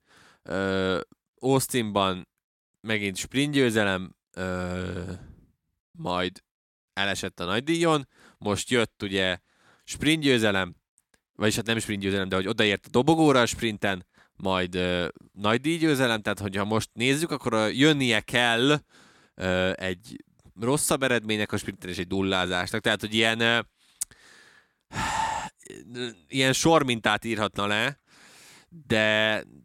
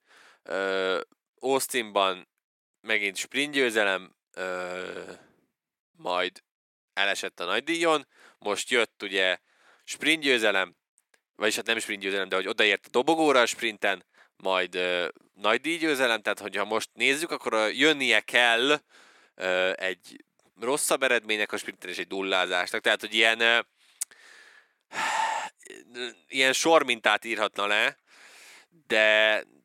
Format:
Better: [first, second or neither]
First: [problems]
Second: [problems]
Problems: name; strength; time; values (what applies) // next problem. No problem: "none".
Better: first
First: none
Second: thin; somewhat; fading below 450 Hz